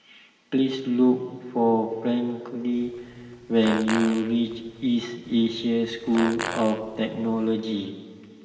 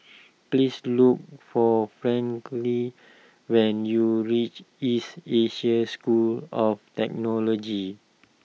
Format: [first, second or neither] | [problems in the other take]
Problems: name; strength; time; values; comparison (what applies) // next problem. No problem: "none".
second | background sound (Fart); 12 dB below the speech // room echo; dies away in 1.9 s